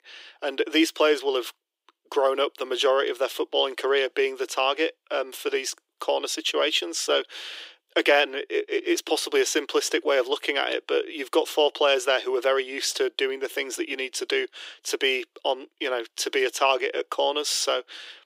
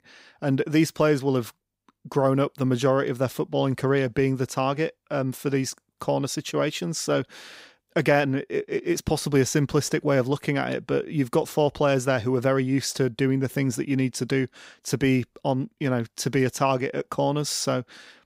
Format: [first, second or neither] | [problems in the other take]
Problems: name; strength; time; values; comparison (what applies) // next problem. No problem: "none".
second | thin; very; fading below 300 Hz